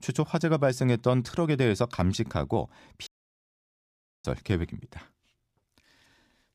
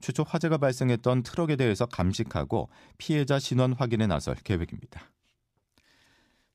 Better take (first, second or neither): second